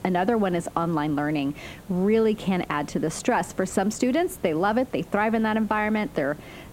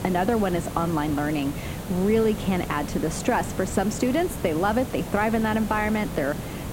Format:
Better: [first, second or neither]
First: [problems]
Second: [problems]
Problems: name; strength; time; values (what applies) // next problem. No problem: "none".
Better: first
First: hiss; faint; throughout; 20 dB below the speech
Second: hiss; loud; throughout; 8 dB below the speech